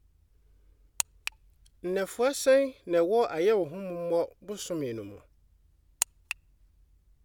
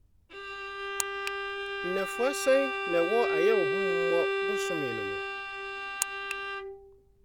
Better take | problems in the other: first | background sound (Bowed string instrument); as loud as the speech

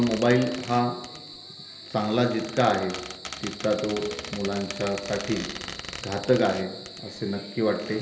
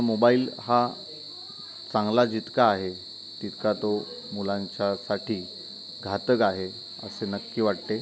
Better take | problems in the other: second | background sound (Squeak); 14 dB below the speech // room echo; dies away in 1.4 s

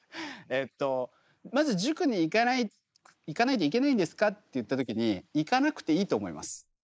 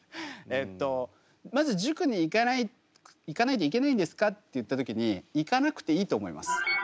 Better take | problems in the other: second | noise reduction (neural mask model Resemble Enhance denoiser)

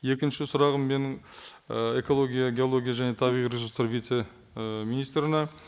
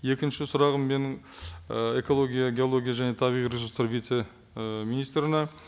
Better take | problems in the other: second | noise reduction (neural mask model Resemble Enhance denoiser)

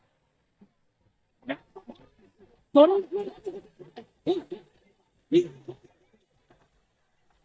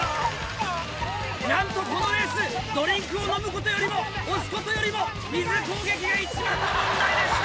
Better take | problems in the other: second | noise reduction (neural mask model DeepFilterNet 3)

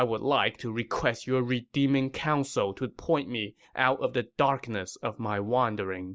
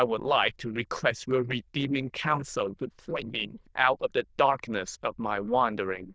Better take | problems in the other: first | noise reduction (neural diffusion model UNIVERSE++)

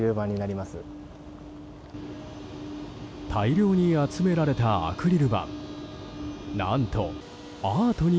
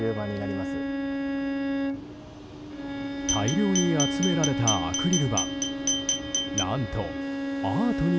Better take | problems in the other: first | background sound (Glass + Bowed string instrument); as loud as the speech

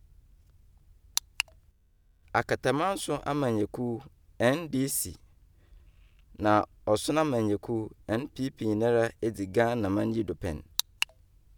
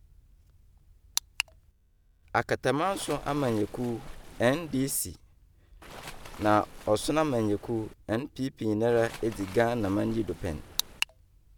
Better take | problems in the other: first | background sound (Waves, surf); 14 dB below the speech

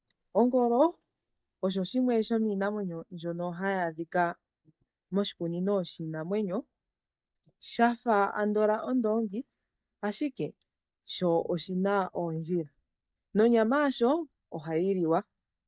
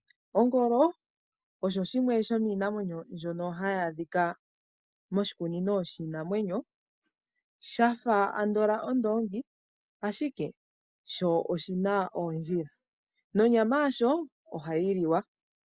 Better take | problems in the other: second | noise reduction (neural mask model DeepFilterNet 3)

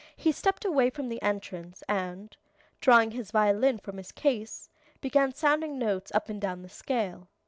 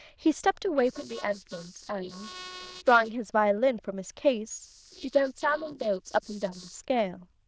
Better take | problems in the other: first | noise reduction (neural diffusion model UNIVERSE++)

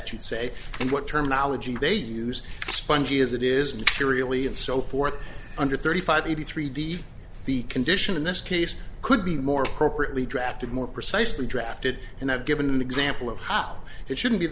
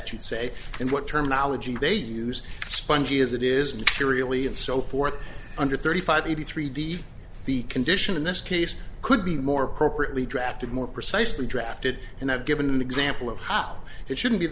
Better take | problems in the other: second | background sound (Tap); 16 dB below the speech

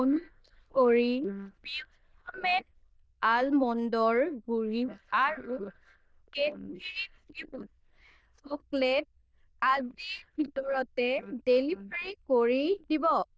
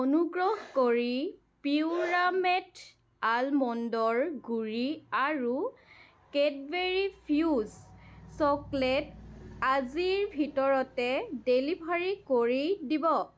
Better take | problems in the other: second | noise reduction (neural diffusion model UNIVERSE++)

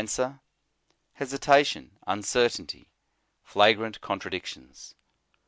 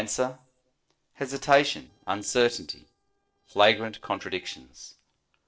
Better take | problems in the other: first | noise reduction (neural separator model SepFormer DNS4)

